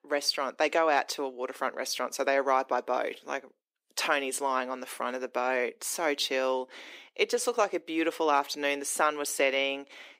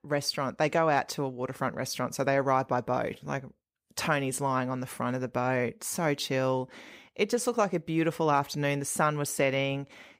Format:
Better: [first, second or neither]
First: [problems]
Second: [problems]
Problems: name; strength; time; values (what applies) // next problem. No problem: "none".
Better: second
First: thin; somewhat; fading below 300 Hz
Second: none